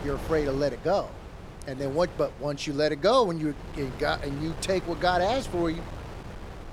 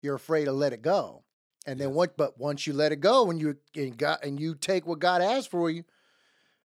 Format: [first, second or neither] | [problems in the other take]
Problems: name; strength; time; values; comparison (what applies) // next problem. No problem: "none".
second | wind noise on the microphone; occasional gusts; 15 dB below the speech